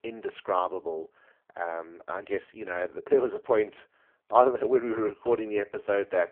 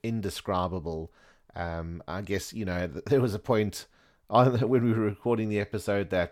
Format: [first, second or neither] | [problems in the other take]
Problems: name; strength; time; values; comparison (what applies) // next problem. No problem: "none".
second | phone-call audio; poor line